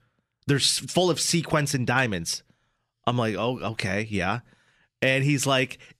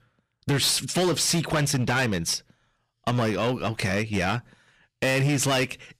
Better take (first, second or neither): first